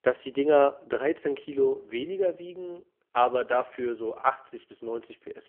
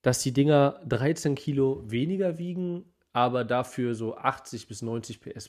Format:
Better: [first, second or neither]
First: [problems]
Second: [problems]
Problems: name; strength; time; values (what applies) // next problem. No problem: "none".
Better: second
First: phone-call audio; poor line; nothing above 3 kHz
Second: none